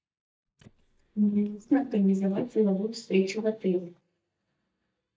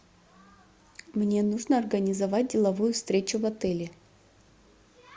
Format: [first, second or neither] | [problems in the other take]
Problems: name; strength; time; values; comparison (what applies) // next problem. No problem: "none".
second | noise reduction (neural mask model DeepFilterNet 3)